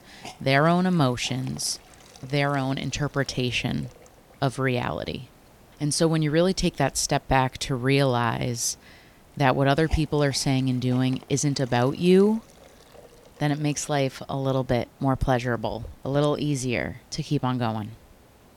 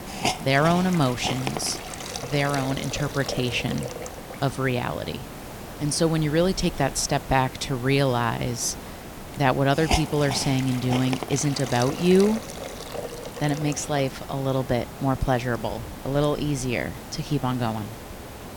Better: first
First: hiss; faint; throughout; 25 dB below the speech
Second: hiss; loud; throughout; 9 dB below the speech

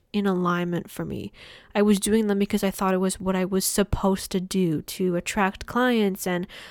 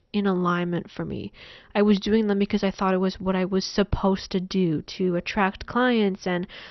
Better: first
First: none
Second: garbled, watery; slightly; nothing above 6 kHz

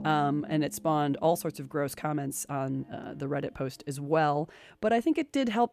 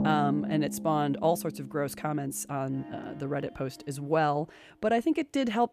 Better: first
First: background music; faint; throughout; 20 dB below the speech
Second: background music; loud; throughout; 9 dB below the speech

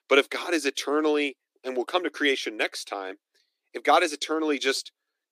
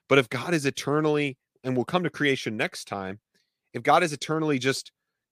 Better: second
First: thin; very slightly; fading below 300 Hz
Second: none

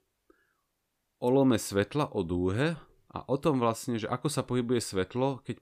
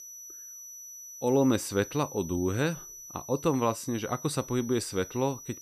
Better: first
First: none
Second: high-pitched whine; noticeable; throughout; 6 kHz, 15 dB below the speech

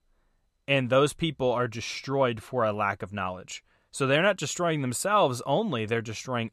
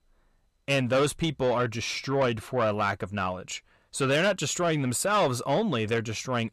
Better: first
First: none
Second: distortion; slight; 10 dB below the speech

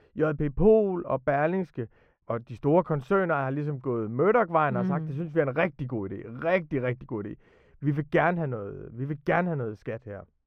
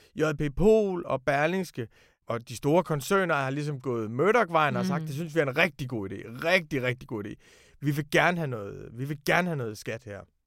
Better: second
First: muffled; very; fading above 3.5 kHz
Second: none

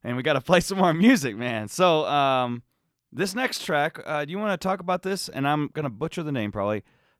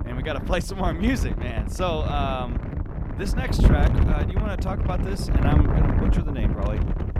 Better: first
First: none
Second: wind noise on the microphone; heavy; 3 dB below the speech

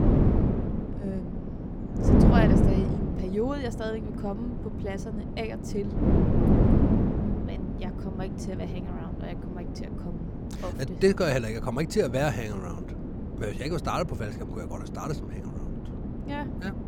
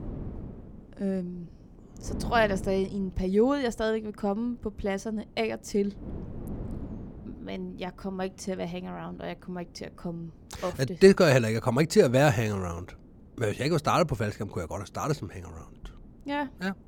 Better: second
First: wind noise on the microphone; heavy; 2 dB below the speech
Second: wind noise on the microphone; occasional gusts; 25 dB below the speech

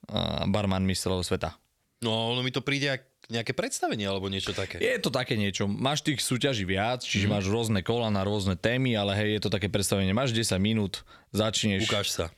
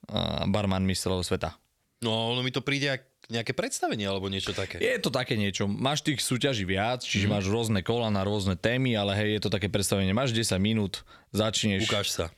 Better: neither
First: none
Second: none

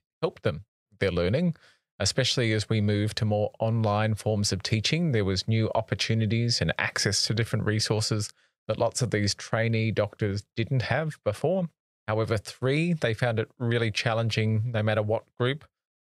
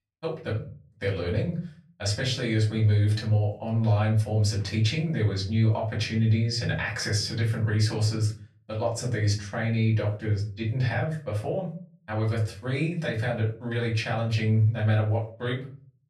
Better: first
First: none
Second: off-mic speech; far // room echo; slight; dies away in 0.4 s

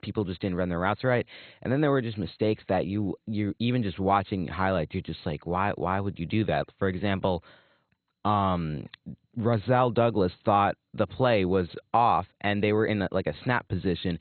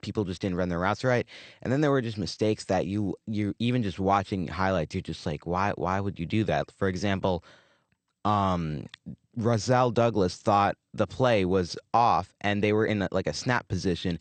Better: second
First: garbled, watery; badly; nothing above 4 kHz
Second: garbled, watery; slightly; nothing above 8.5 kHz

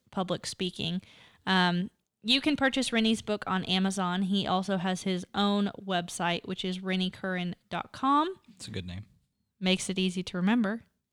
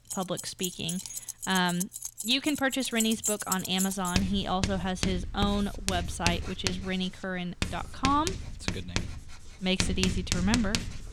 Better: first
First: none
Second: household noises; loud; throughout; 3 dB below the speech

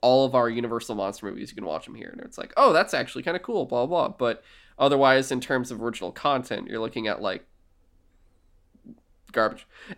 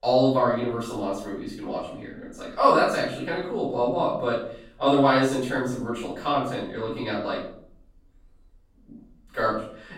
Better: first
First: none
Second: room echo; noticeable; dies away in 0.6 s // off-mic speech; far

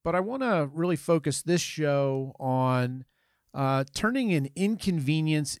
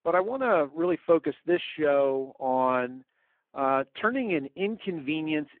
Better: first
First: none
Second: phone-call audio; poor line

